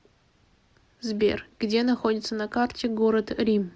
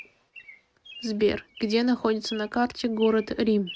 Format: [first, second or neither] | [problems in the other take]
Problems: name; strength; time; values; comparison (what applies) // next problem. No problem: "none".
first | noise reduction (neural mask model RNNoise)